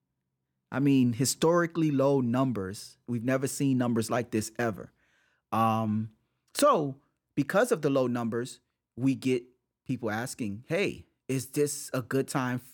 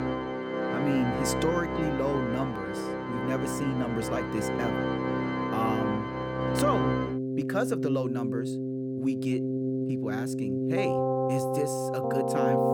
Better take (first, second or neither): first